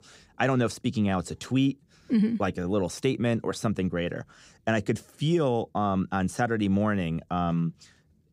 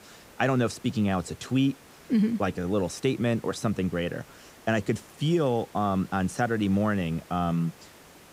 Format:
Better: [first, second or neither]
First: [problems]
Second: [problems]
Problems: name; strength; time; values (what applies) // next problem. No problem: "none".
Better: first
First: none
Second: hiss; faint; throughout; 25 dB below the speech